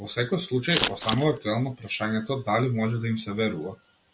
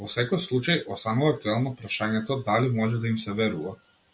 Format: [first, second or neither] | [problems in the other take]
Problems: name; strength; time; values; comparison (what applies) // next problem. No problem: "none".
second | background sound (Scissors); 2 dB below the speech